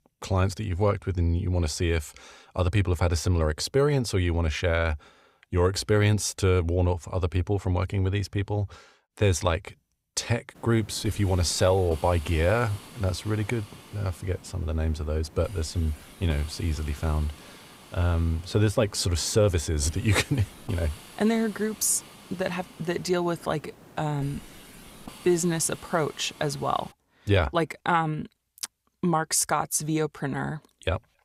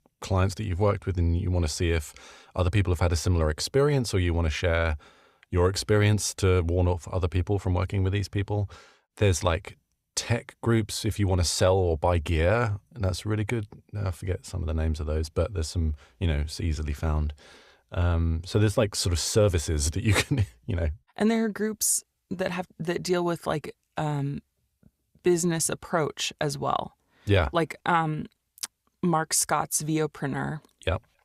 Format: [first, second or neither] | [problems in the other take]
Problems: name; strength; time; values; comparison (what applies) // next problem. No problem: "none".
second | hiss; noticeable; from 11 to 27 s; 20 dB below the speech